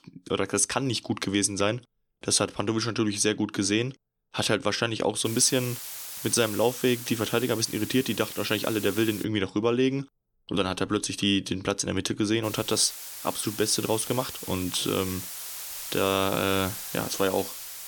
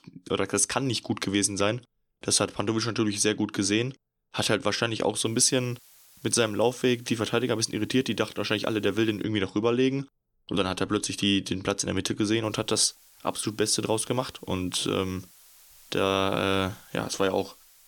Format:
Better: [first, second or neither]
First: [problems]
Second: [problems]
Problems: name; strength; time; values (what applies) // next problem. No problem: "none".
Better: second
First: hiss; loud; from 5.5 to 9 s and from 12 s on; 9 dB below the speech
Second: hiss; faint; from 5.5 to 9 s and from 12 s on; 25 dB below the speech